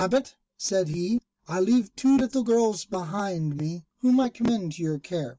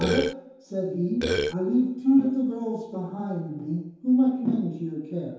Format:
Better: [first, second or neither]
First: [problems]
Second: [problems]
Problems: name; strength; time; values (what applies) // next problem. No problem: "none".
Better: first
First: none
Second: background sound (Burping, eructation); as loud as the speech // room echo; dies away in 0.8 s